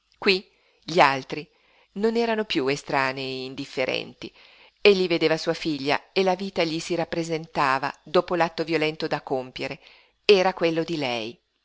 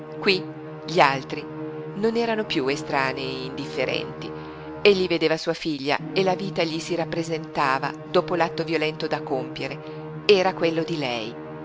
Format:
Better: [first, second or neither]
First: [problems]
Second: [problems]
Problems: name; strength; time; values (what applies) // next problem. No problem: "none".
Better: first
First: none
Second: background sound (Musical instrument); 10 dB below the speech